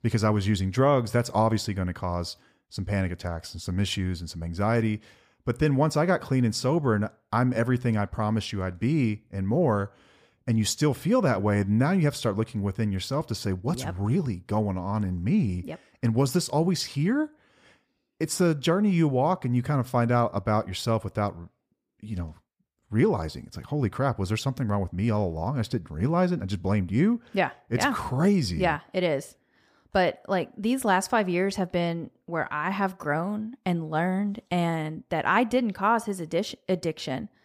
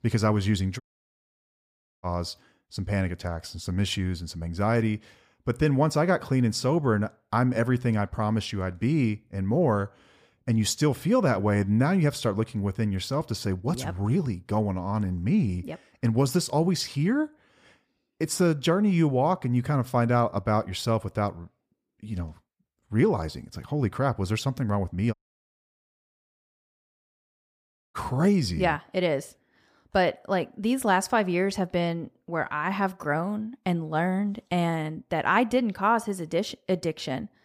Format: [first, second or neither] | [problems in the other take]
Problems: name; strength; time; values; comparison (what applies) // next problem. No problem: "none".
first | audio cutting out; at 1 s for 1 s and at 25 s for 3 s